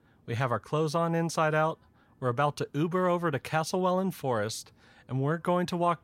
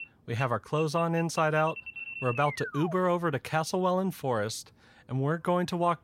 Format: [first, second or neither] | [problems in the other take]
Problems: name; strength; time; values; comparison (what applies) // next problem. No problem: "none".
first | alarm; noticeable; until 3 s; peak 7 dB below the speech